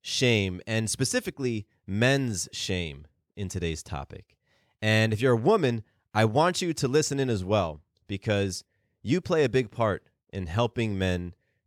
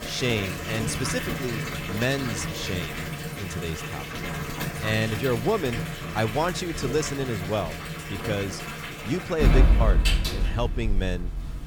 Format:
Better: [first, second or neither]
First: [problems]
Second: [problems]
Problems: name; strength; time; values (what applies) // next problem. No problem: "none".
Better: first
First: none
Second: household noises; loud; throughout; as loud as the speech